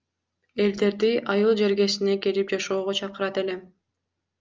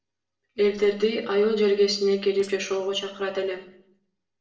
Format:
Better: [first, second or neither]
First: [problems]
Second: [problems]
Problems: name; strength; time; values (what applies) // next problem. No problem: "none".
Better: first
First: none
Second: noise reduction (neural separator model SepFormer DNS4)